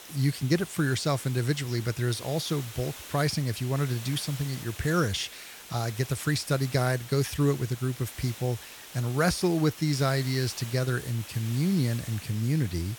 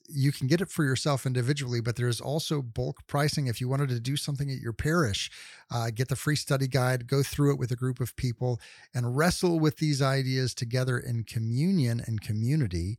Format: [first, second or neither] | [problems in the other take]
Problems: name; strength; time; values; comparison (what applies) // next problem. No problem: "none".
second | hiss; noticeable; throughout; 15 dB below the speech